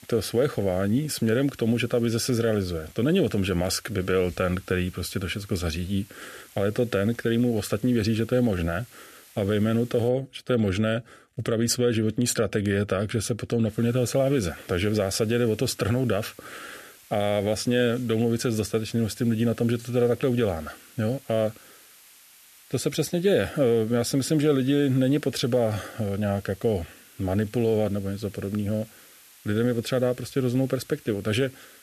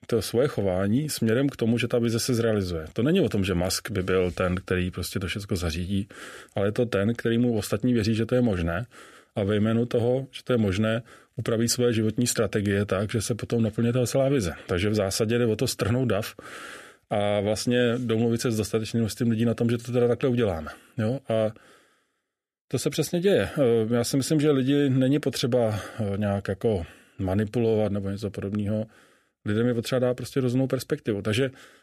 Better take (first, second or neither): second